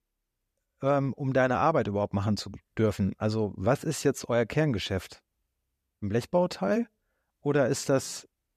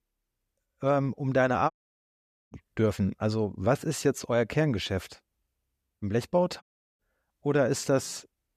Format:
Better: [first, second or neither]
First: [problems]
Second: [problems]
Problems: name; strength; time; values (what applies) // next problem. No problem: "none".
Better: first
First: none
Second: audio cutting out; at 1.5 s for 1 s and at 6.5 s